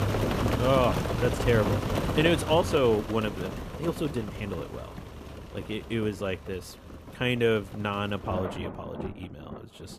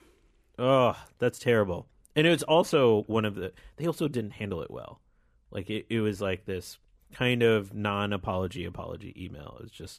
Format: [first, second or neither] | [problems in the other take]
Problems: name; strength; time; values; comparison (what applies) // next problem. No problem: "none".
second | rain or running water; loud; throughout; 4 dB below the speech